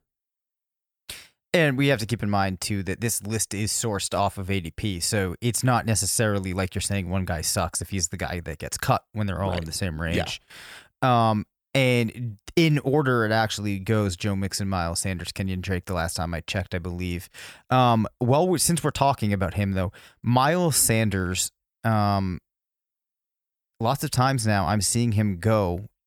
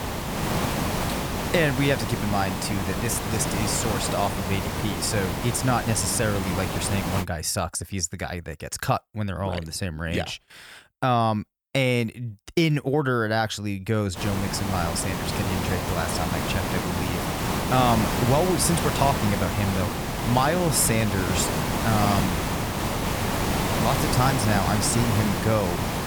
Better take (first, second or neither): first